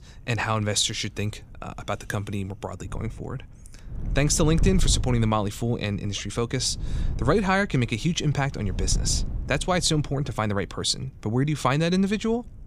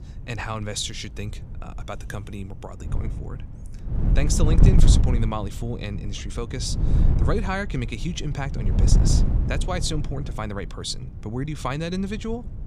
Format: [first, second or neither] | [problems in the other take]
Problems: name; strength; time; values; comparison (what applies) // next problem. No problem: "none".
first | wind noise on the microphone; heavy; 6 dB below the speech; occasional gusts in the first